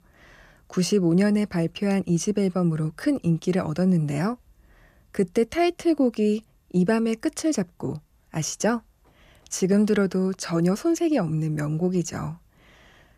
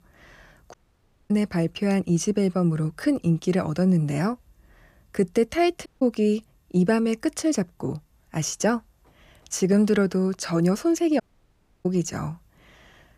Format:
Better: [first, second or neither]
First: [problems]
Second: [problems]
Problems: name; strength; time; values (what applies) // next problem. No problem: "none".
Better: first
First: none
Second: audio cutting out; at 0.5 s for 0.5 s, at 6 s and at 11 s for 0.5 s